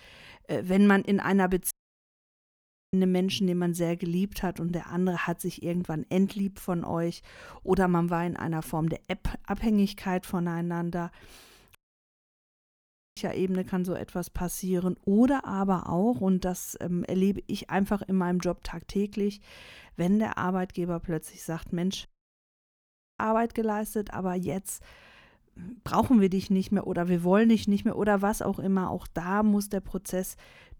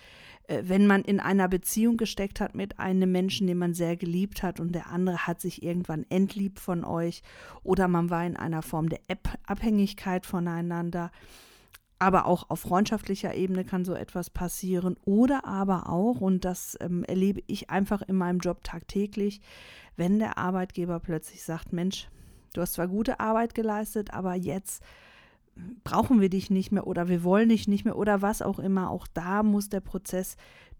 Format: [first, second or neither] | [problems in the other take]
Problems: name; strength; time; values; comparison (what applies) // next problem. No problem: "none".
second | audio cutting out; at 1.5 s for 1 s, at 12 s for 1.5 s and at 22 s for 1 s